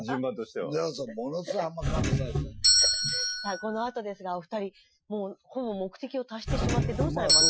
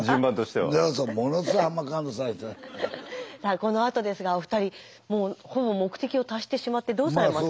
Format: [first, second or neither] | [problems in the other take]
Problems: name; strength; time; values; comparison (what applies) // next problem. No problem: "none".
second | noise reduction (classical method Wiener filter)